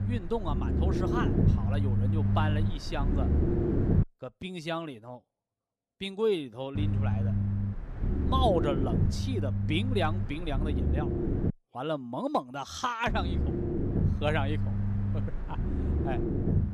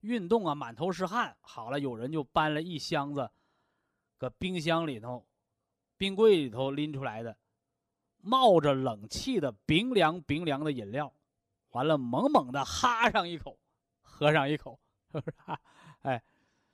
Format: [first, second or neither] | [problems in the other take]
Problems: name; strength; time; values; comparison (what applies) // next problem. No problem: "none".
second | low rumble; loud; until 4 s, from 7 to 12 s and from 13 s on; 5 dB below the speech